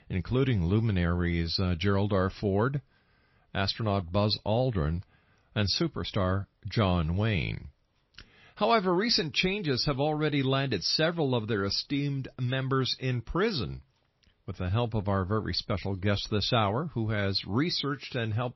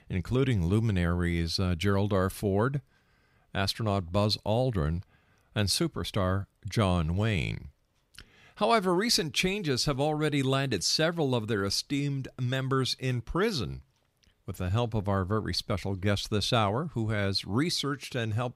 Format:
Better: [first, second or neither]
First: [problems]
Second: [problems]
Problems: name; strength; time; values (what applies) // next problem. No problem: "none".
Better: second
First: garbled, watery; slightly; nothing above 5.5 kHz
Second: none